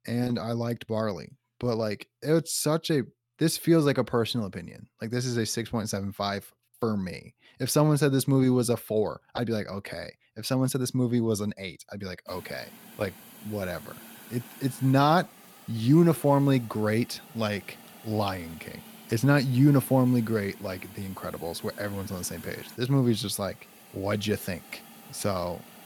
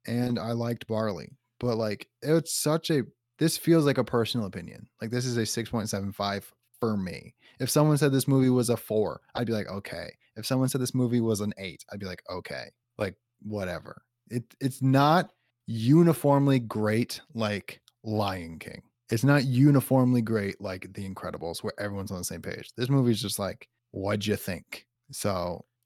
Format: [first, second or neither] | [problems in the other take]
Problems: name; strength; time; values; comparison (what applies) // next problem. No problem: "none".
second | hiss; noticeable; from 12 s on; 20 dB below the speech